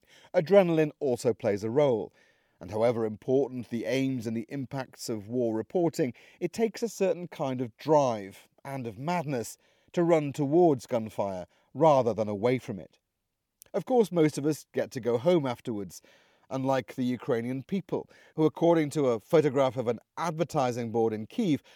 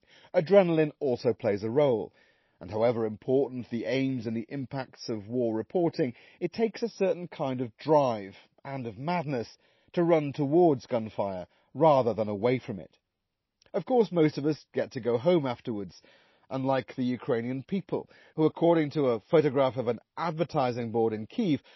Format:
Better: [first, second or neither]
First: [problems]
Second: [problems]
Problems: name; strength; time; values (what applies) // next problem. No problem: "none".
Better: first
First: none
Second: garbled, watery; slightly; nothing above 5.5 kHz